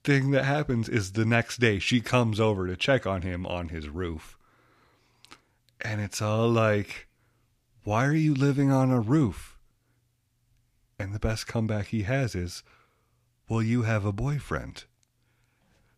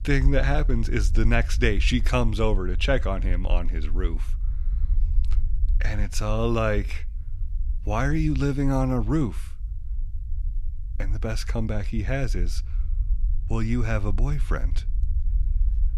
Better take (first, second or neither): first